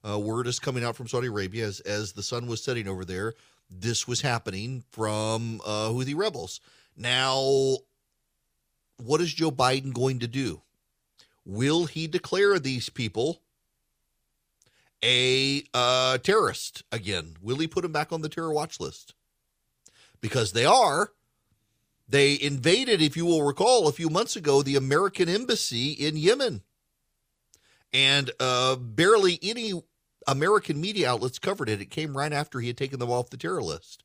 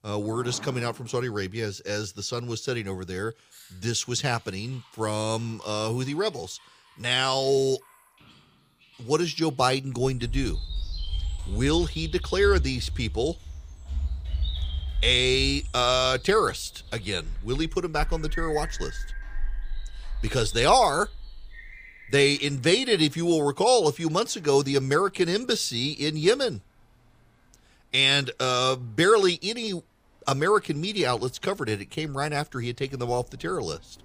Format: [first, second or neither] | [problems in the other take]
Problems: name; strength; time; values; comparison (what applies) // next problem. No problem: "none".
first | animal sounds; noticeable; throughout; 10 dB below the speech